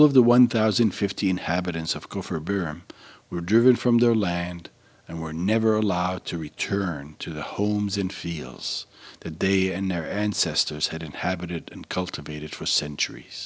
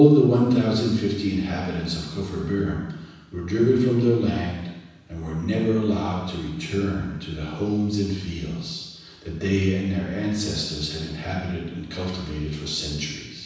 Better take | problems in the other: first | room echo; dies away in 1.1 s

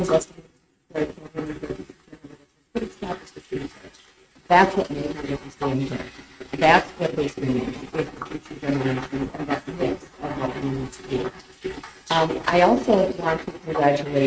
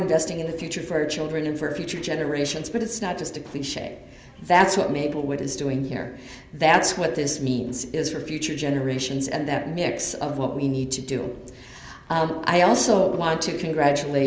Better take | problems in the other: second | noise reduction (neural mask model RNNoise)

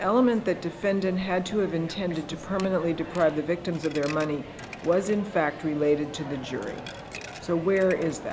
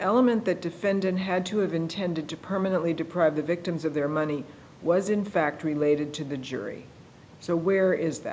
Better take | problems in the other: second | background sound (Coin (dropping)); 14 dB below the speech

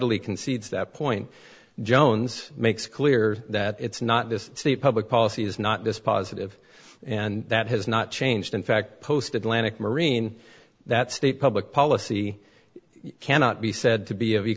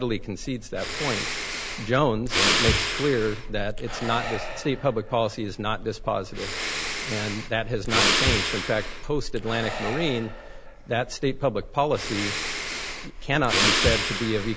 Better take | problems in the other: first | background sound (Breathing); 1 dB below the speech

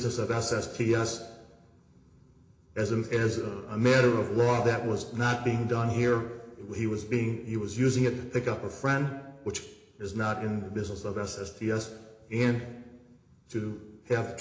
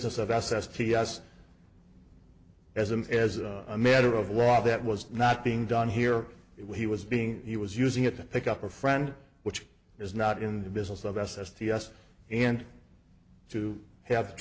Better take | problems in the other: second | room echo; dies away in 0.8 s

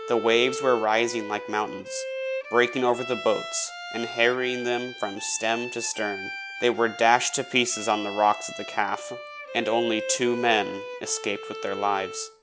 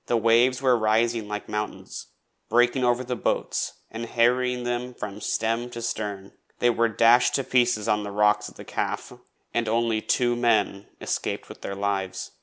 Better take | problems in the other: second | background sound (Bowed string instrument); 10 dB below the speech

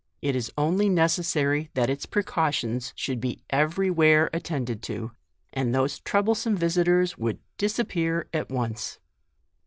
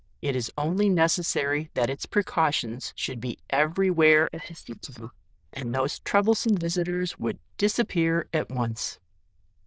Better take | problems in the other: first | noise reduction (neural diffusion model UNIVERSE++)

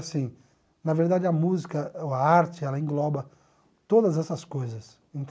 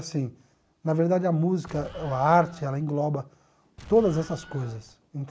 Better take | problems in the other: first | background sound (Explosion); 19 dB below the speech

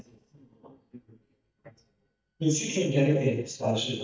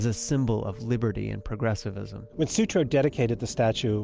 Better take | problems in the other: second | noise reduction (neural mask model DeepFilterNet 3)

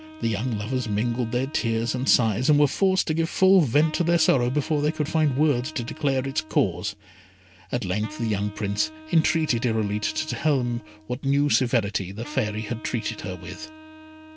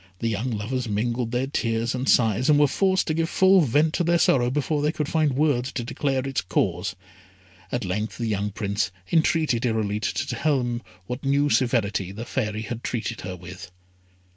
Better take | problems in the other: second | background sound (Wind instrument, woodwind instrument); 20 dB below the speech

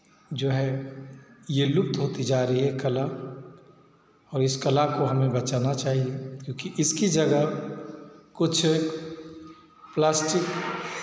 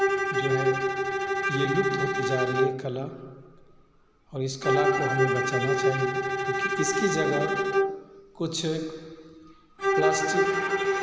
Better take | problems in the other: first | background sound (Bowed string instrument); 5 dB above the speech

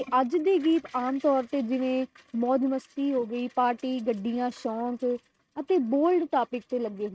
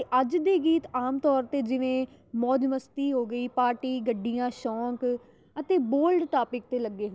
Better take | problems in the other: second | noise reduction (neural mask model RNNoise)

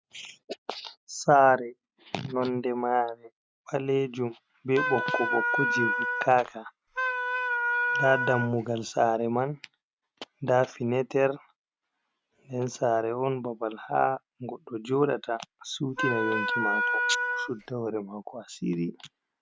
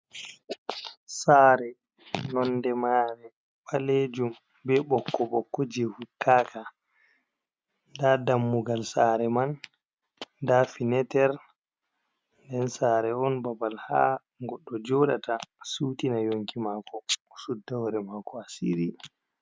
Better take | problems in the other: second | background sound (Wind instrument, woodwind instrument); 1 dB above the speech

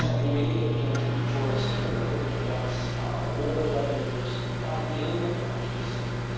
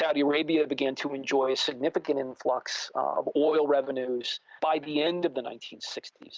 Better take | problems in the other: second | background sound (Microwave oven); 4 dB above the speech // room echo; dies away in 1.2 s

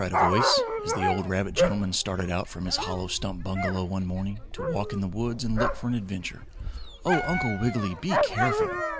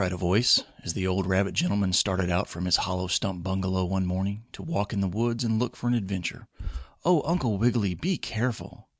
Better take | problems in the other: second | background sound (Dog); 1 dB below the speech

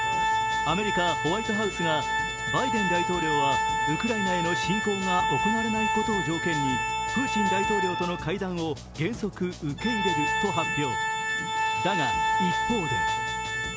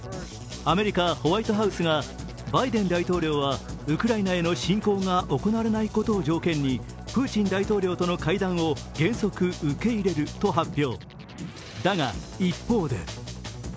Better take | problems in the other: second | background sound (Organ); 2 dB above the speech

